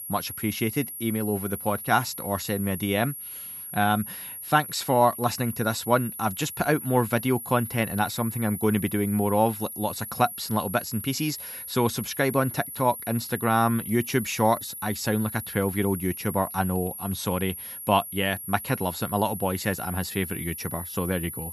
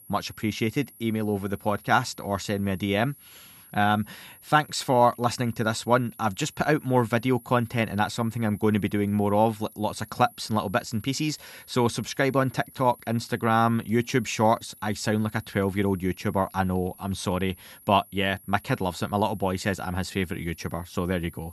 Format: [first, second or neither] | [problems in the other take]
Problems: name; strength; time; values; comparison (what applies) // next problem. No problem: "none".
second | high-pitched whine; loud; throughout; 11.5 kHz, 8 dB below the speech; faint in the second